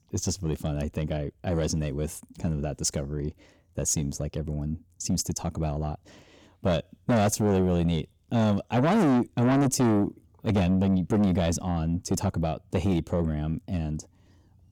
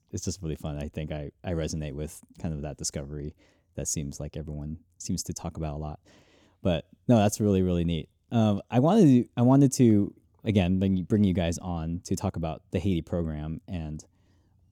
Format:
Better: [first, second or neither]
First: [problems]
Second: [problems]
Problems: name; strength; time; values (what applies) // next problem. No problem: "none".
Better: second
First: distortion; heavy; 6 dB below the speech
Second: none